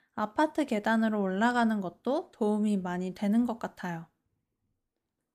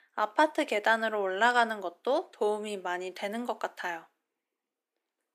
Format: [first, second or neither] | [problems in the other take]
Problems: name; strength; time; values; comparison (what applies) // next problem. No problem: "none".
first | thin; very; fading below 350 Hz